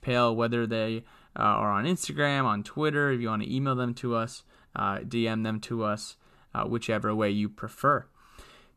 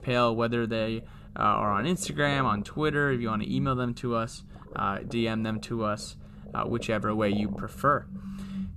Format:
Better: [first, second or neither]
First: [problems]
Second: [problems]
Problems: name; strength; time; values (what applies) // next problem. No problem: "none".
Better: first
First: none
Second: low rumble; noticeable; throughout; 20 dB below the speech